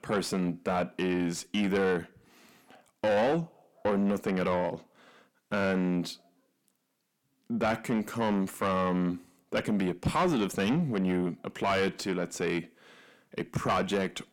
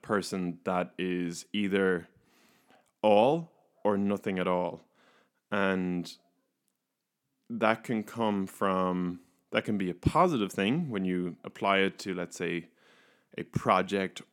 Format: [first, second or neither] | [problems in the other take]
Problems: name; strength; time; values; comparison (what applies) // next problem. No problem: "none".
second | distortion; heavy; 6 dB below the speech